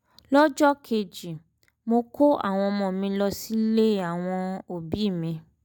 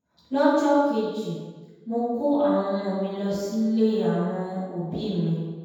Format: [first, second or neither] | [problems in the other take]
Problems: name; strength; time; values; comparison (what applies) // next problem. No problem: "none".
first | room echo; dies away in 1.2 s